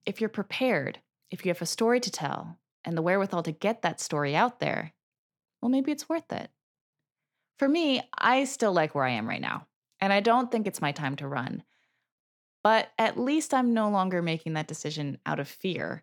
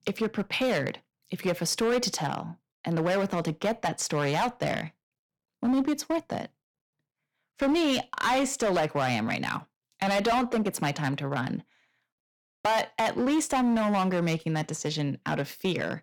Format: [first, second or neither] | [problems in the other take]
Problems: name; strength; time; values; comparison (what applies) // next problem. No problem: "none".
first | distortion; heavy; 10% of the sound clipped